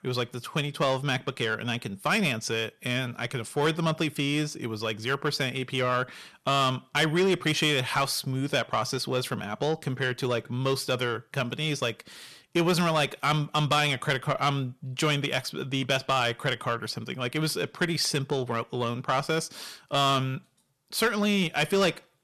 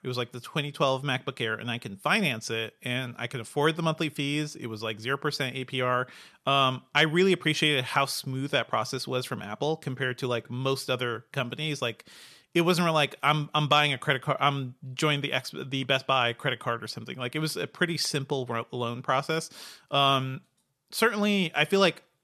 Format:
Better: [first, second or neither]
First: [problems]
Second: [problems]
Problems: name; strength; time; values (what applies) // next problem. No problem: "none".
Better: second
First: distortion; slight; 10 dB below the speech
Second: none